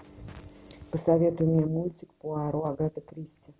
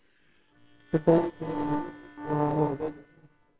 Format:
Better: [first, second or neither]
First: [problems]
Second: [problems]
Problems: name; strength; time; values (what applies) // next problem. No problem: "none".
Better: first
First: none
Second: noise reduction (neural separator model SepFormer WHAMR!)